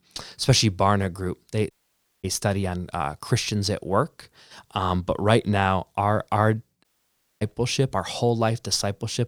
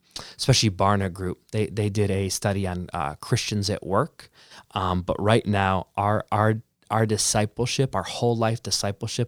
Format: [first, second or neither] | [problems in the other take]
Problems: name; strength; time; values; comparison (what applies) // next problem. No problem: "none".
second | audio cutting out; at 1.5 s for 0.5 s and at 7 s for 0.5 s